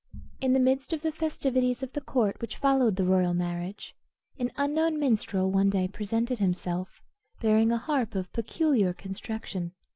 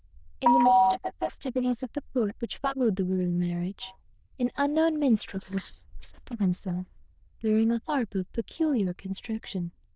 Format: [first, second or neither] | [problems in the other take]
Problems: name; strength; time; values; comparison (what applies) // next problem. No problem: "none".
first | noise reduction (neural diffusion model UNIVERSE++)